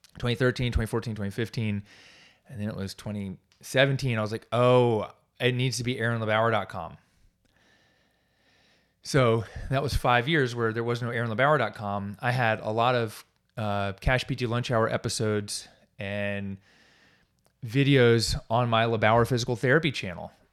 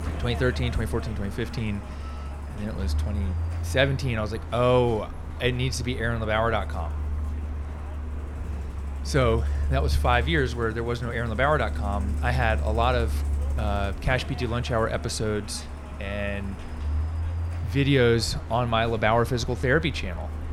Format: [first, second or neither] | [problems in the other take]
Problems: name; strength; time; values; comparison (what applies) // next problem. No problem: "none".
first | traffic noise; loud; throughout; 6 dB below the speech